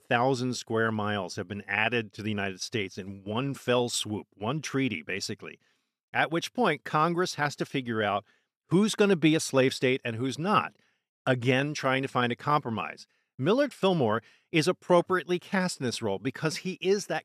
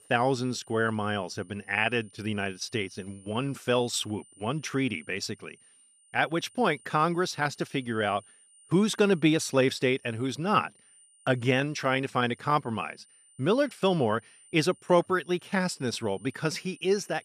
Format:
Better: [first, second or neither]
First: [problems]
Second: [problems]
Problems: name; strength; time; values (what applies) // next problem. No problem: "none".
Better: first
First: none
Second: high-pitched whine; faint; throughout; 9 kHz, 25 dB below the speech